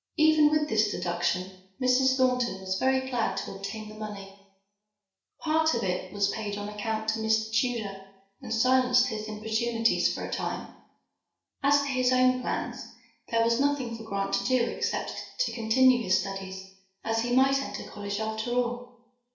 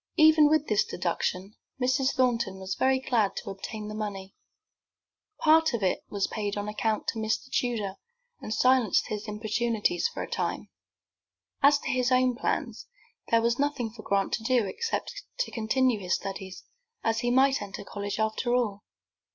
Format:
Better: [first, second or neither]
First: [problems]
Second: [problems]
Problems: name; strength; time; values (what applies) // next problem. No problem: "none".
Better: second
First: room echo; dies away in 0.5 s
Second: none